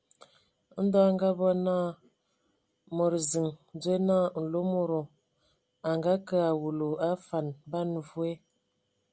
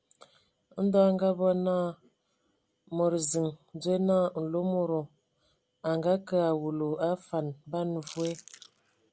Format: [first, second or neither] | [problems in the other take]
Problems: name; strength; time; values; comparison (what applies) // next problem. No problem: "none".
first | background sound (Chewing, mastication / Crushing); 19 dB below the speech